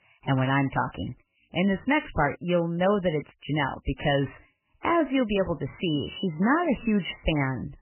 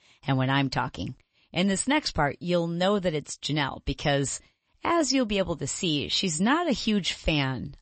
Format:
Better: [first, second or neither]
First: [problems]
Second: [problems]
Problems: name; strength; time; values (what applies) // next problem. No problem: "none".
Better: second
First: garbled, watery; badly; nothing above 3 kHz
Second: garbled, watery; slightly; nothing above 8 kHz